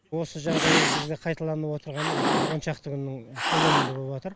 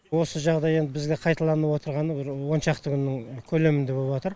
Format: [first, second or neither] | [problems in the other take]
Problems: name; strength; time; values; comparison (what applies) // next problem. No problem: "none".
second | background sound (Cat); 3 dB above the speech